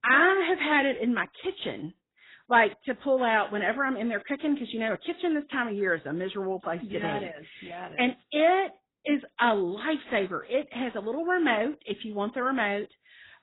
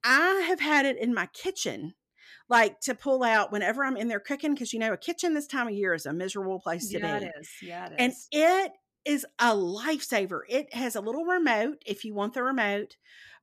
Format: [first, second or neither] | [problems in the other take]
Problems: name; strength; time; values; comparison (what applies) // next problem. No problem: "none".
second | garbled, watery; badly; nothing above 4 kHz